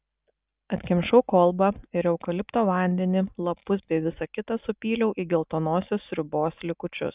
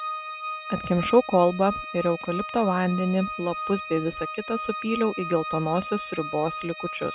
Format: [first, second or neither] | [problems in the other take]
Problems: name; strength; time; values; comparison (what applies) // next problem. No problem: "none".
first | background sound (Organ); 9 dB below the speech